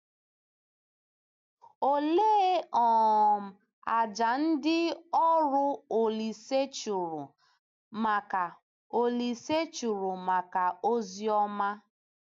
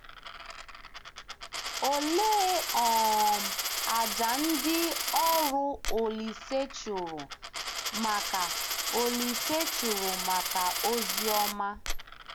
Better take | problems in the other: first | background sound (Coin (dropping)); 3 dB below the speech

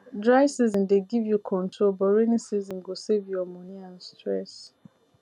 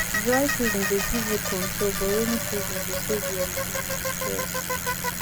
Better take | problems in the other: first | background sound (Bicycle); 2 dB above the speech

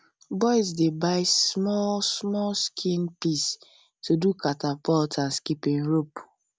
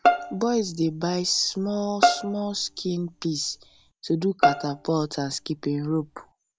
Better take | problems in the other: first | background sound (Bowed string instrument); 1 dB below the speech

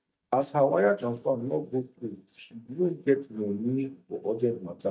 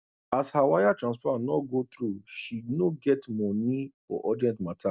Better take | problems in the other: second | noise reduction (neural mask model DeepFilterNet 3)

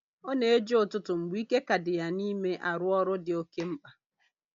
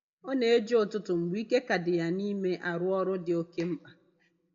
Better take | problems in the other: first | room echo; dies away in 0.8 s

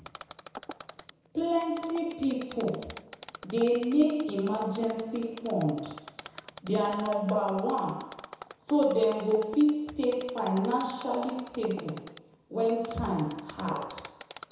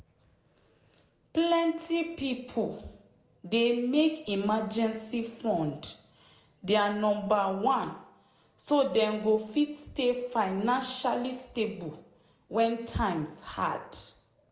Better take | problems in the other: second | background sound (Mechanisms); 17 dB below the speech // room echo; dies away in 1 s

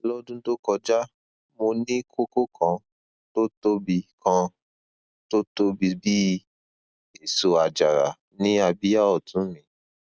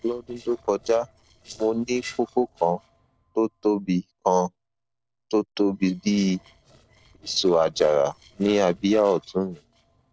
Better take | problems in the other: first | noise reduction (neural separator model SepFormer DNS4)

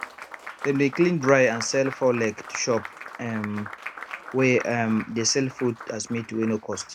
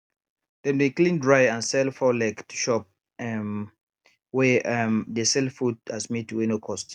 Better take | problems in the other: second | background sound (Applause); 14 dB below the speech

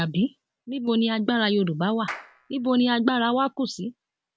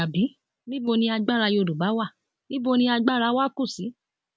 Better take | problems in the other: second | background sound (Clapping); 17 dB below the speech

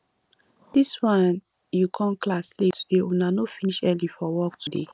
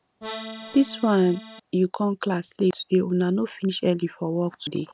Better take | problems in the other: first | background sound (Accordion); 14 dB below the speech

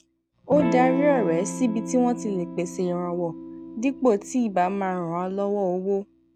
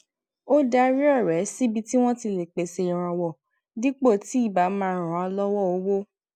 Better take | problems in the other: second | background sound (Electric guitar / Strum); 8 dB below the speech

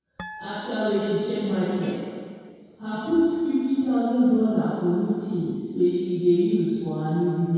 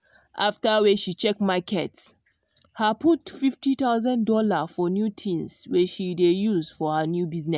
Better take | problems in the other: second | background sound (Harp); 18 dB below the speech // room echo; dies away in 2 s

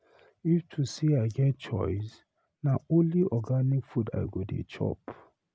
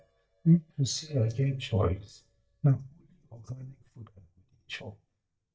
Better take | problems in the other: first | noise reduction (neural mask model DeepFilterNet 3)

